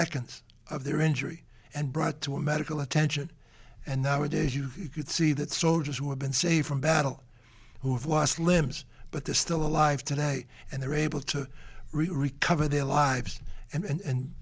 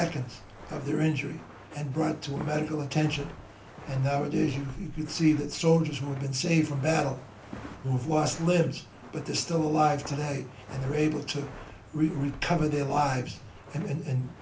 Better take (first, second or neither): first